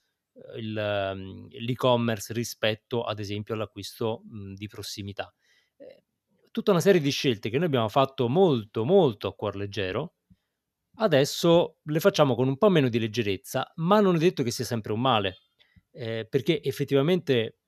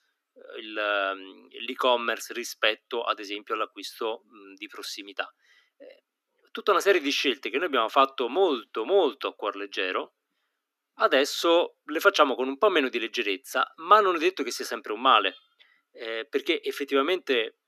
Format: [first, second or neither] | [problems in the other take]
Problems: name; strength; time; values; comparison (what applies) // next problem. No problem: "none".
first | thin; somewhat; fading below 250 Hz